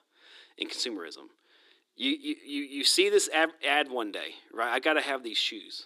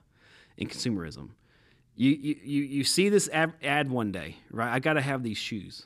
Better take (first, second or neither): second